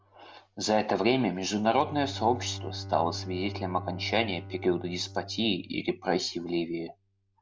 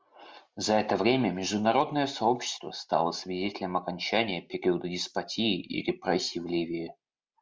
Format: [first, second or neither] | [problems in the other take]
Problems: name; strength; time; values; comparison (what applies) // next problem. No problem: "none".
second | background sound (Bowed string instrument); 13 dB below the speech